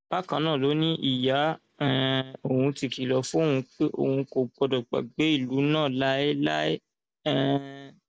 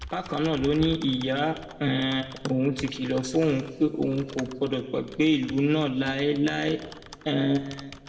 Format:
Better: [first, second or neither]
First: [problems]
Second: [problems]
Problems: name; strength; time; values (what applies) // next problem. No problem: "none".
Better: first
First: none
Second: background sound (Typing); 18 dB below the speech // room echo; dies away in 1.2 s